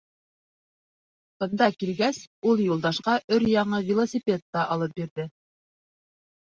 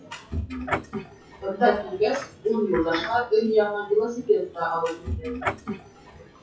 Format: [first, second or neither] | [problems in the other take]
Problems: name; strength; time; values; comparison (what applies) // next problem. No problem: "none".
first | noise reduction (classical method WPE with log-MMSE)